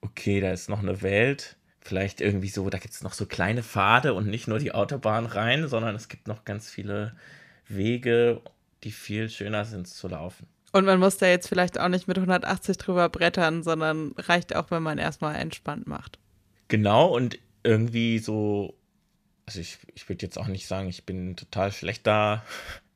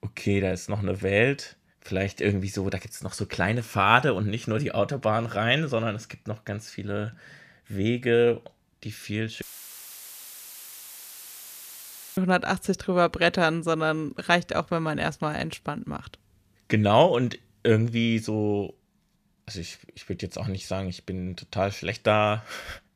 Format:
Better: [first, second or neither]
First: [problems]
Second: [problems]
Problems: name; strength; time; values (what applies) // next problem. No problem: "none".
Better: first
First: none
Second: audio cutting out; filled with static; at 9.5 s for 3 s